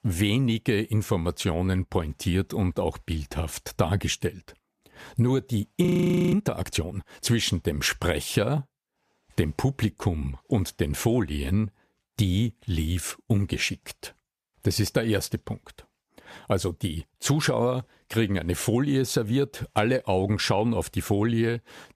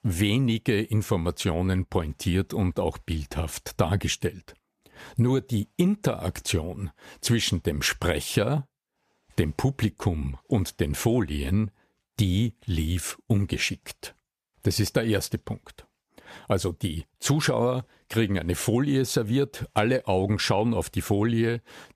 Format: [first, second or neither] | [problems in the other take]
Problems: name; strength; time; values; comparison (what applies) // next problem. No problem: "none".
second | audio freezing; at 6 s